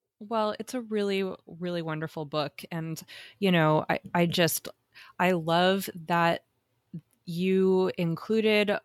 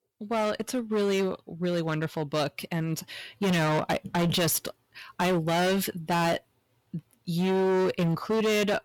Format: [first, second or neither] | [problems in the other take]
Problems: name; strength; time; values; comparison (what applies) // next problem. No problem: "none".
first | distortion; heavy; 18% of the sound clipped